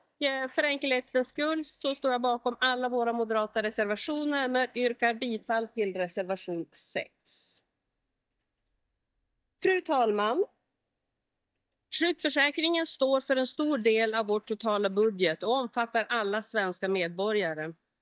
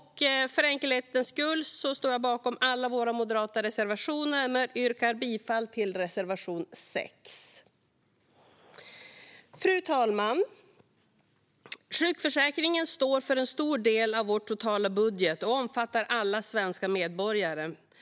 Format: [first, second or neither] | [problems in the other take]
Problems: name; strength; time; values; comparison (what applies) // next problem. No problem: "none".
second | noise reduction (neural mask model DeepFilterNet 3)